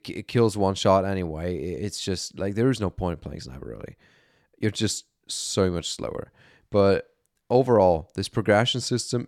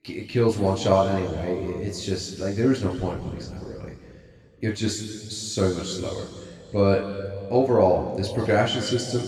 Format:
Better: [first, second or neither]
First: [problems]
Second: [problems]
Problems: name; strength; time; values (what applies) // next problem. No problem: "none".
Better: first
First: none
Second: room echo; noticeable; dies away in 2 s // off-mic speech; far